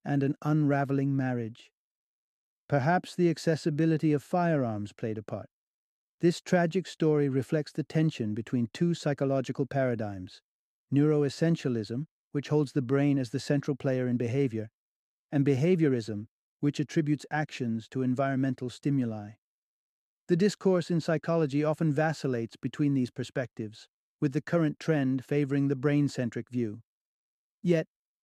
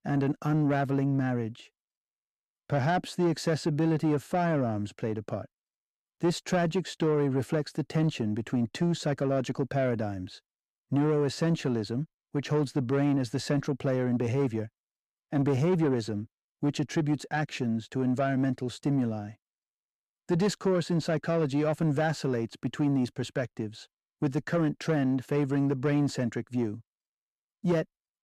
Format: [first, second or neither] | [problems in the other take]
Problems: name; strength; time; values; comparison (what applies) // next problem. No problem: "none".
first | distortion; slight; 10 dB below the speech